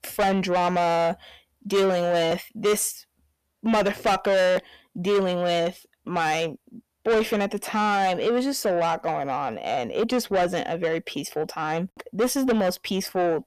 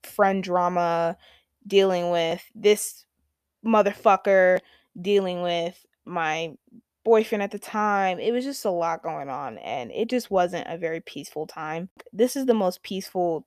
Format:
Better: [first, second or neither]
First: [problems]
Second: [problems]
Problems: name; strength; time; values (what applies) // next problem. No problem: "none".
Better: second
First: distortion; heavy; 7 dB below the speech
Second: none